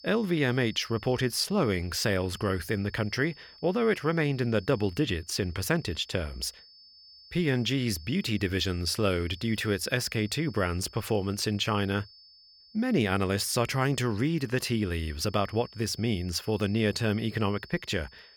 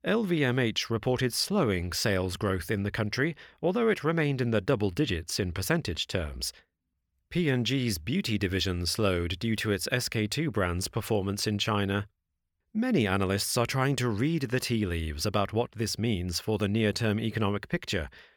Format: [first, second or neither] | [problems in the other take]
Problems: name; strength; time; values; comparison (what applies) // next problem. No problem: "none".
second | high-pitched whine; faint; throughout; 5 kHz, 20 dB below the speech